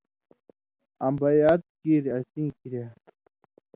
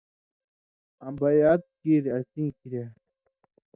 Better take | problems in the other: first | noise reduction (neural mask model DeepFilterNet 3)

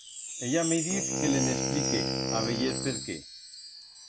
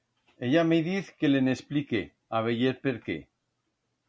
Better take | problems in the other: second | background sound (Wind instrument, woodwind instrument + Wind chime); as loud as the speech

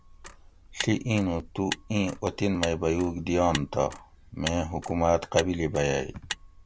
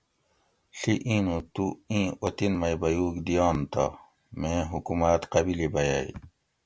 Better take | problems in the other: second | background sound (Motor vehicle (road)); 13 dB below the speech

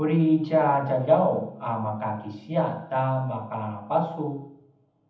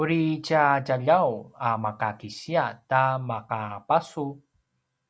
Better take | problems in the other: second | room echo; dies away in 0.8 s

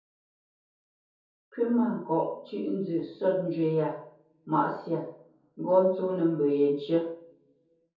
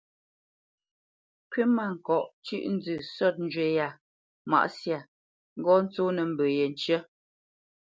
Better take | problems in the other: second | room echo; dies away in 0.6 s

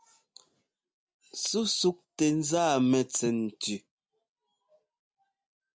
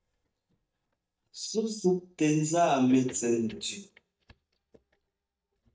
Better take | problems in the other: first | noise reduction (neural mask model DeepFilterNet 3)

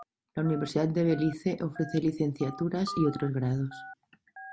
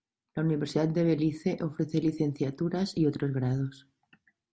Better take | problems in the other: second | background sound (Telephone + Telephone); 16 dB below the speech

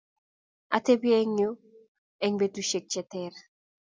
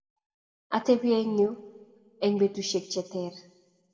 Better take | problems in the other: first | room echo; dies away in 1 s

